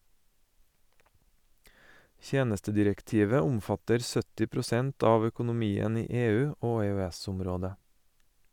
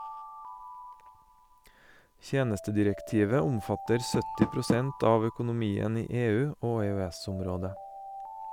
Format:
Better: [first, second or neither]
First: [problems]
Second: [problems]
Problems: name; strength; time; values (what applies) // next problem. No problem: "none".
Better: first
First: none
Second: background sound (Alarm + Door); 9 dB below the speech